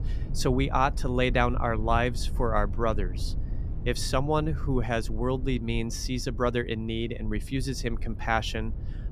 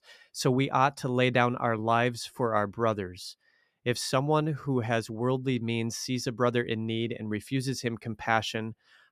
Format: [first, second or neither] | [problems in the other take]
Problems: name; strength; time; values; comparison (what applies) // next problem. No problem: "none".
second | low rumble; faint; throughout; 20 dB below the speech